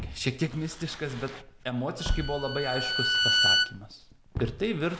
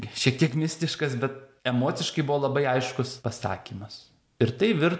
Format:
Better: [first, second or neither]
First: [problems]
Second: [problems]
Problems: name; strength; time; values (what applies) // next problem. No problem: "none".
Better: second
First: background sound (Walk, footsteps + Bowed string instrument); 2 dB above the speech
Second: none